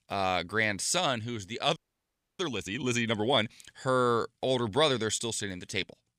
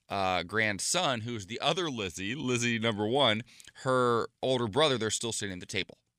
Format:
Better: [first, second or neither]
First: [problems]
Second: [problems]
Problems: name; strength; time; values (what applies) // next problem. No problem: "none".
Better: second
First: audio freezing; at 2 s for 0.5 s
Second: none